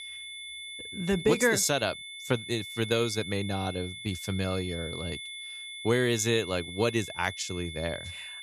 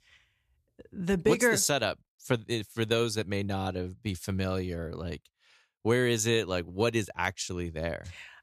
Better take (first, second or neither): second